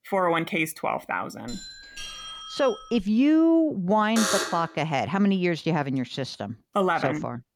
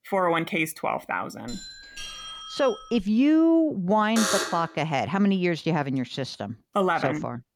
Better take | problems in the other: neither | doorbell; faint; from 1.5 to 3 s; peak 10 dB below the speech; the same in both // alarm; noticeable; at 4 s; peak level with the speech; the same in both

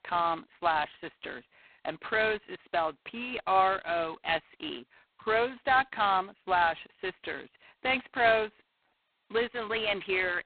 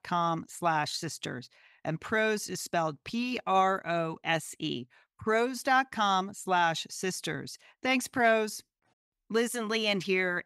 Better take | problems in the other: second | phone-call audio; poor line; nothing above 4 kHz

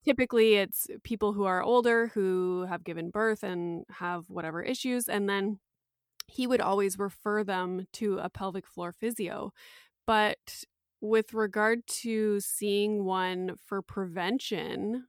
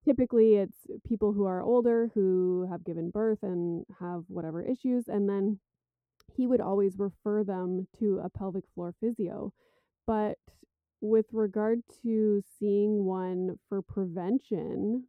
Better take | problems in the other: first | muffled; very; fading above 1 kHz

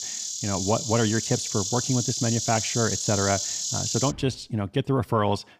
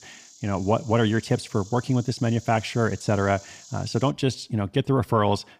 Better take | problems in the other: second | animal sounds; loud; until 4.5 s; 1 dB below the speech; faint in the second

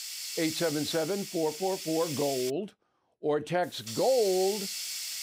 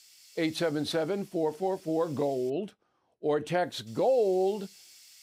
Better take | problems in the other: second | hiss; loud; until 2.5 s and from 3.5 s on; 6 dB below the speech; faint in the second

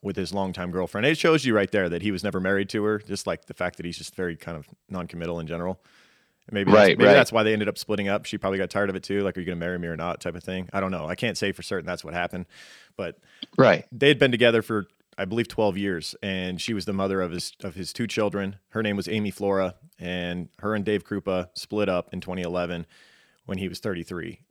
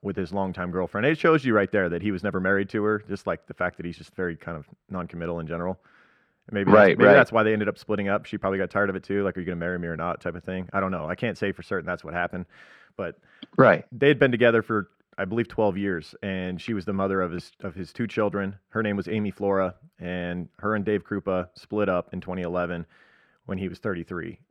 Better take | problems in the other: first | muffled; slightly; fading above 3.5 kHz

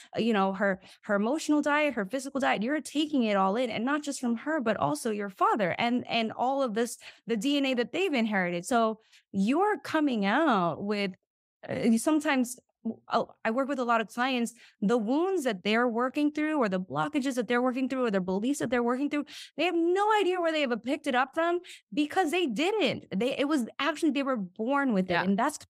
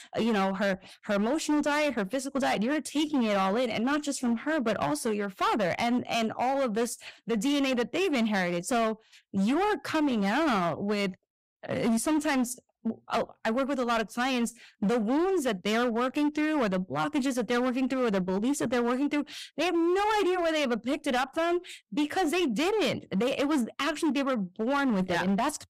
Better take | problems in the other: first | distortion; slight; 16% of the sound clipped

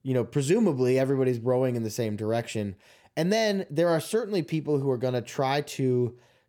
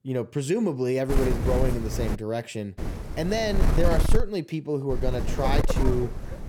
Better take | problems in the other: first | wind noise on the microphone; heavy; from 1 to 2 s, from 3 to 4 s and from 5 s on; 5 dB below the speech

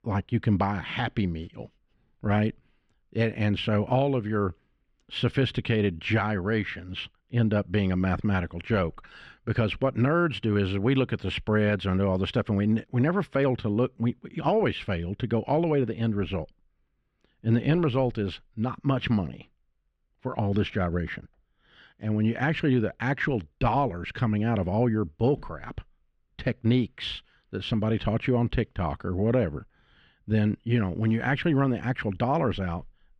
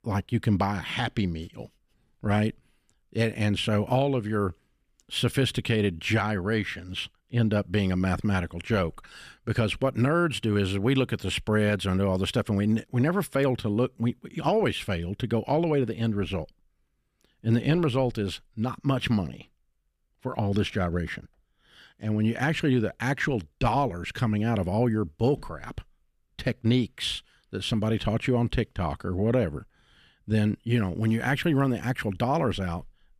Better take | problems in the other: second | muffled; slightly; fading above 3 kHz

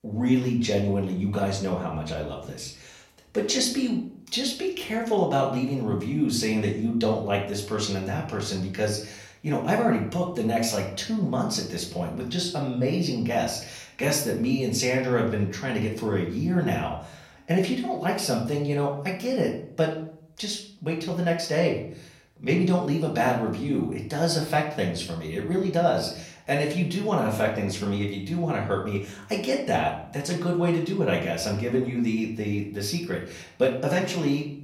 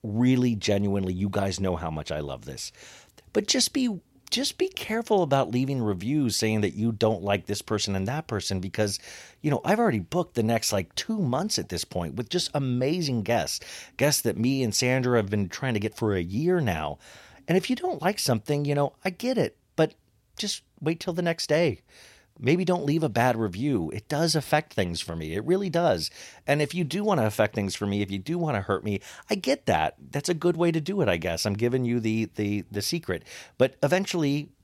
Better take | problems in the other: second | off-mic speech; far // room echo; slight; dies away in 0.5 s

